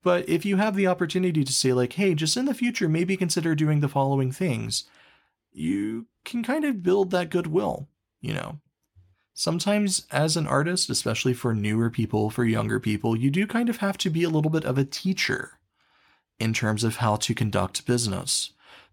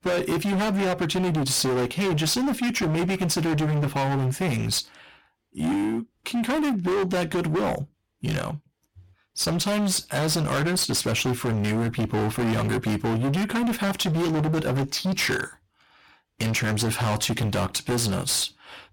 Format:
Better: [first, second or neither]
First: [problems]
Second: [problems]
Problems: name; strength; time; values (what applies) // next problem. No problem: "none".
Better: first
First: none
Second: distortion; heavy; 32% of the sound clipped